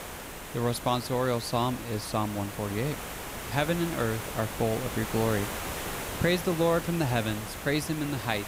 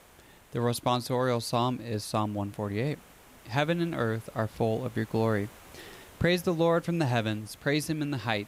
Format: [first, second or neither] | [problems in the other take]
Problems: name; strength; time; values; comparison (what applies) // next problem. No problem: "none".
second | hiss; loud; throughout; 7 dB below the speech; faint in the second